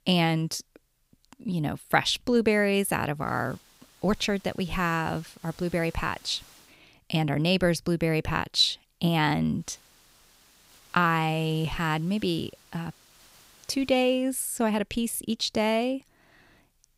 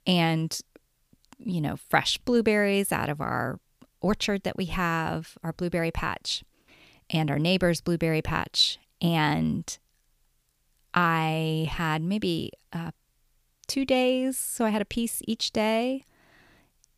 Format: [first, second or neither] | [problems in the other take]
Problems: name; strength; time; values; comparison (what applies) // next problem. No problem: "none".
second | hiss; faint; from 3 to 6.5 s and from 9.5 to 14 s; 25 dB below the speech